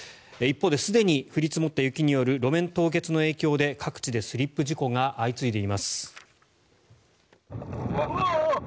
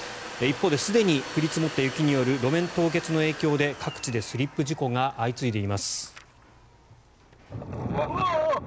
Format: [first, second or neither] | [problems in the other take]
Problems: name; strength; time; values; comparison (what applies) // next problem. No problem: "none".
first | background sound (Domestic sounds, home sounds); 14 dB below the speech